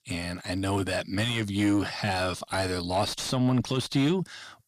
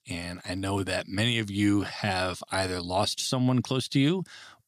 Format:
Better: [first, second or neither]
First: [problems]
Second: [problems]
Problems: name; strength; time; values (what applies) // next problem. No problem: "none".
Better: second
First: distortion; slight; 10 dB below the speech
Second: none